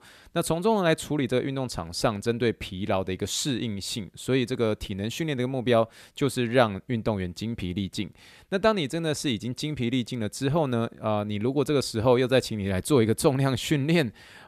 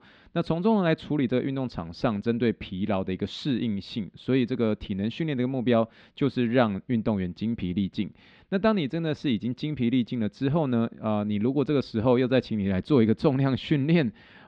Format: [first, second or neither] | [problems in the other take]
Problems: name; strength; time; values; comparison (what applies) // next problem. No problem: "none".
first | muffled; slightly; fading above 4 kHz